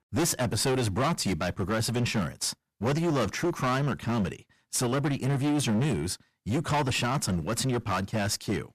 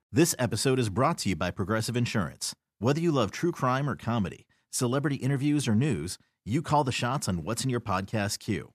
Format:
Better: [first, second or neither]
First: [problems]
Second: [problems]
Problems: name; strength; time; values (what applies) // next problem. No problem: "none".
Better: second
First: distortion; heavy; 18% of the sound clipped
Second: none